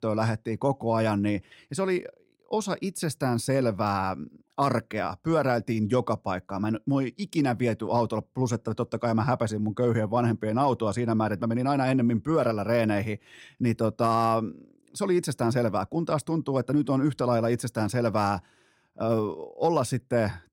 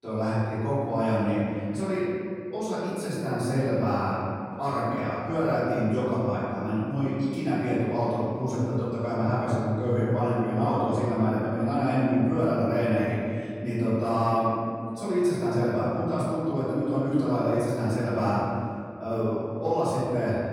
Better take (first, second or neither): first